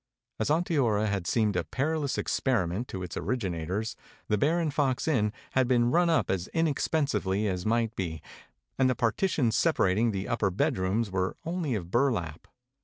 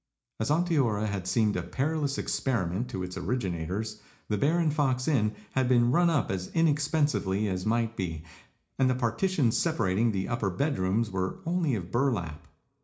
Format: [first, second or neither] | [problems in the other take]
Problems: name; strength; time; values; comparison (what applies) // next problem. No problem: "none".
first | room echo; dies away in 0.4 s